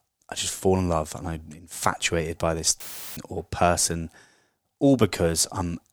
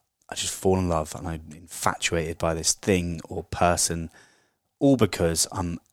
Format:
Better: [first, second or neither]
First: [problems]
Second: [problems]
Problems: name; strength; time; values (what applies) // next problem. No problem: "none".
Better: second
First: audio cutting out; filled with static; at 3 s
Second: none